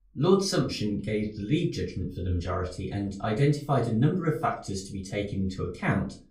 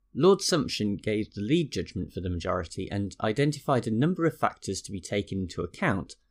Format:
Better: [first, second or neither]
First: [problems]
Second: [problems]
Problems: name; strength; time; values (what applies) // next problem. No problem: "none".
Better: second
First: off-mic speech; far // room echo; very slight; dies away in 0.3 s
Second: none